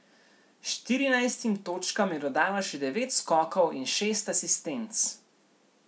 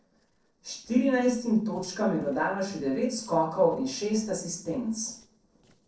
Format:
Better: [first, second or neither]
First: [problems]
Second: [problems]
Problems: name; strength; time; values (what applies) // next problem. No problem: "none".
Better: first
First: none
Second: noise reduction (neural separator model SepFormer DNS4)